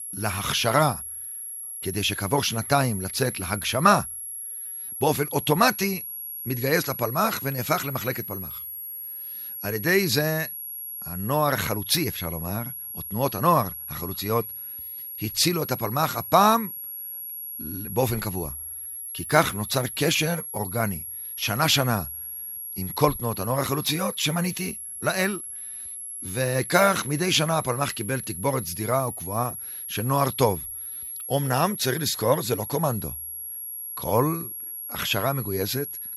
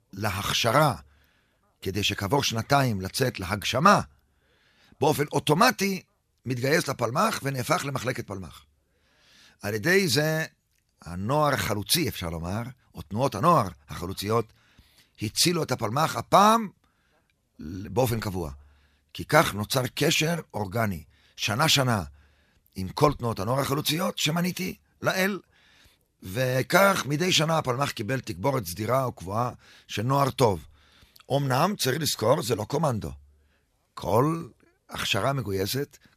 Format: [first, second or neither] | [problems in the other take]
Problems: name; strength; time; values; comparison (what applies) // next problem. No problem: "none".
second | high-pitched whine; loud; throughout; 11.5 kHz, 8 dB below the speech